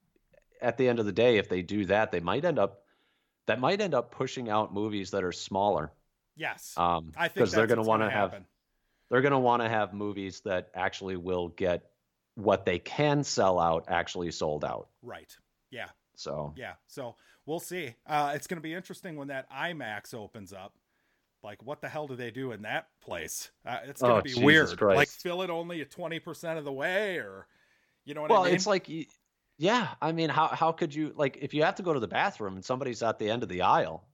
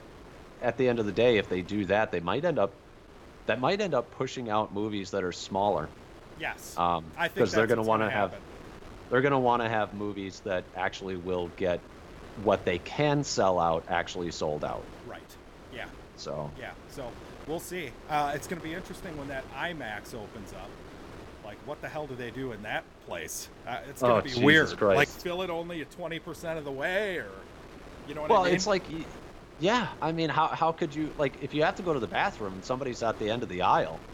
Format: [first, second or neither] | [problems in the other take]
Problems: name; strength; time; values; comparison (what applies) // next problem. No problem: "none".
first | wind noise on the microphone; occasional gusts; 20 dB below the speech